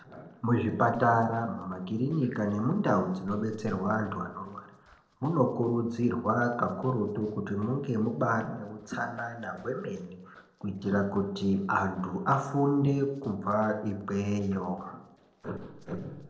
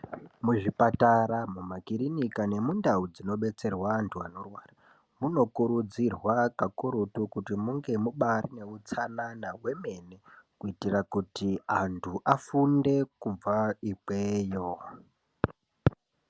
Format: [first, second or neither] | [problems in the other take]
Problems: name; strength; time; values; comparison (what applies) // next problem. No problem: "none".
second | noise reduction (neural separator model SepFormer DNS4)